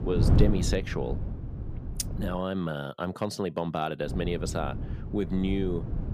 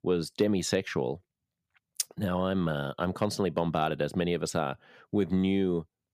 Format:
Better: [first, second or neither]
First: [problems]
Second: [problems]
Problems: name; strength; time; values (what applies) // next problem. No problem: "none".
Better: second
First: wind noise on the microphone; heavy; until 2.5 s and from 4 s on; 9 dB below the speech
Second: none